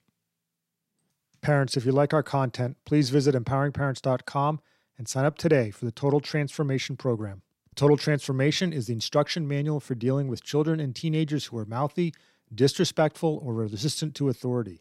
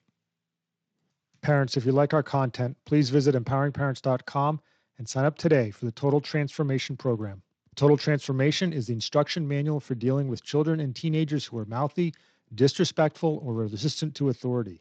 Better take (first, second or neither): first